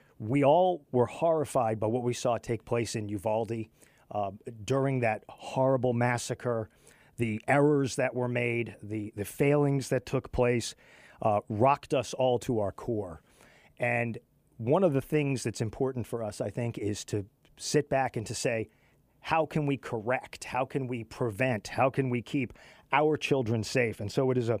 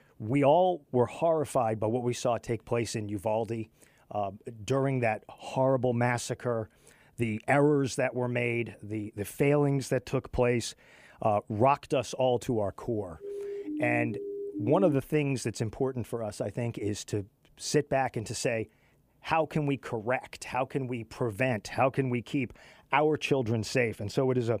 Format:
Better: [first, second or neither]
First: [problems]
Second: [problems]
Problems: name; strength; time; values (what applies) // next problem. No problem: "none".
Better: first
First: none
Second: siren; noticeable; from 13 to 15 s; peak 4 dB below the speech